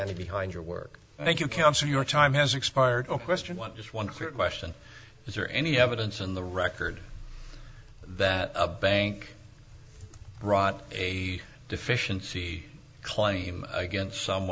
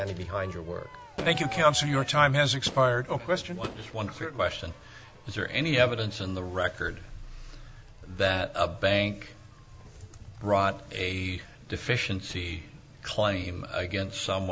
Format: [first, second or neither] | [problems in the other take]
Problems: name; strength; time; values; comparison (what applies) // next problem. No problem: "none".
first | background sound (Crowd / Fireworks); 18 dB below the speech